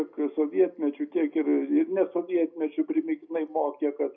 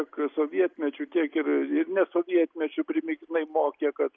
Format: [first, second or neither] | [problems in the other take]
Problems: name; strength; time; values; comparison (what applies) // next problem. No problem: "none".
second | room echo; dies away in 0.4 s